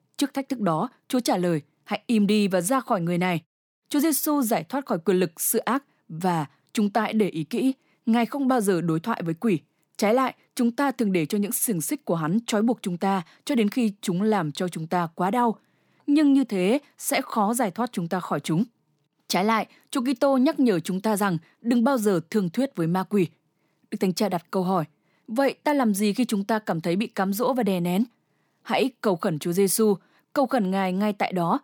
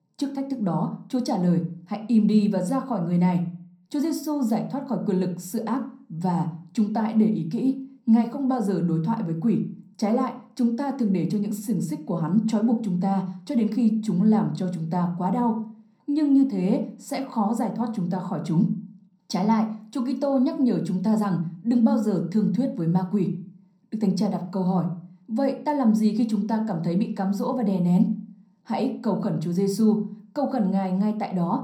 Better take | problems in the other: first | room echo; slight; dies away in 0.6 s

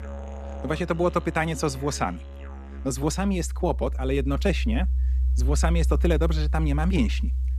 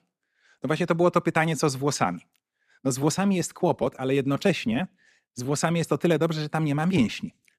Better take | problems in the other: second | background music; loud; throughout; 1 dB below the speech

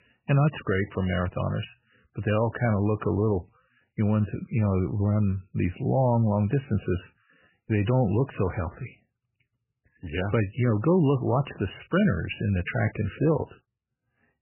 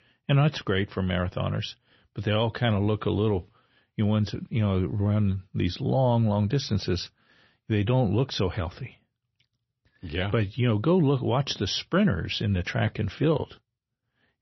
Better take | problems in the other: second | garbled, watery; badly; nothing above 3 kHz; slightly in the second

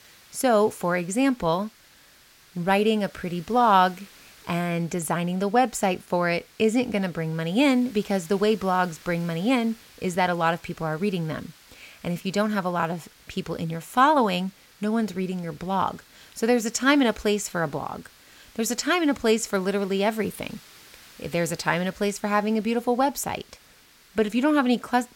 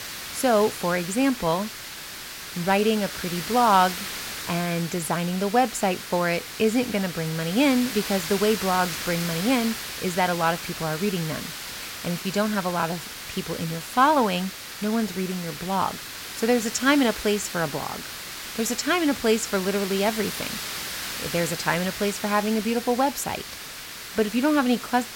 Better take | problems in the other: first | hiss; loud; throughout; 8 dB below the speech; faint in the first

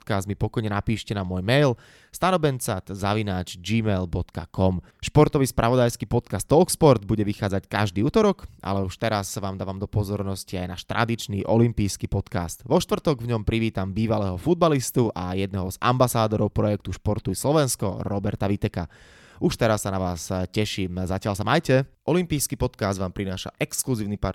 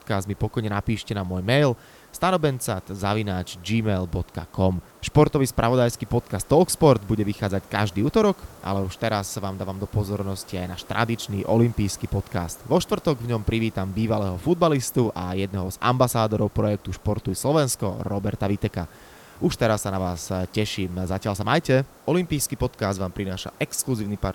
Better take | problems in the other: first | hiss; faint; throughout; 25 dB below the speech

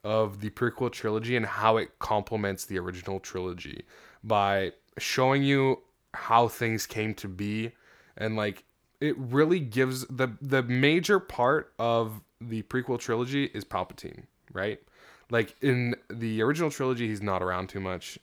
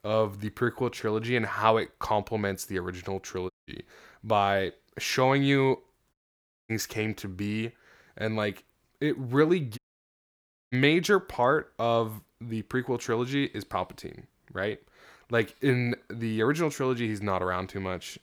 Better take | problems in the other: first | audio cutting out; at 3.5 s, at 6 s for 0.5 s and at 10 s for 1 s

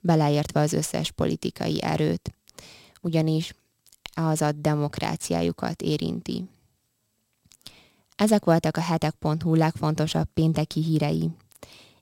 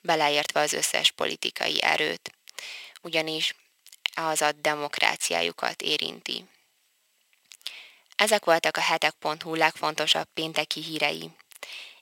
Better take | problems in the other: first | thin; very; fading below 650 Hz

